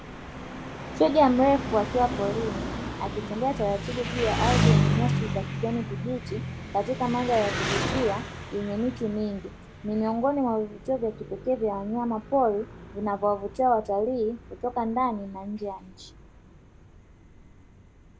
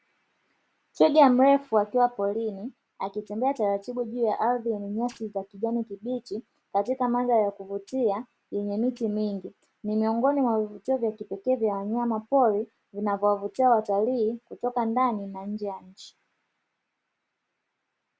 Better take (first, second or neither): second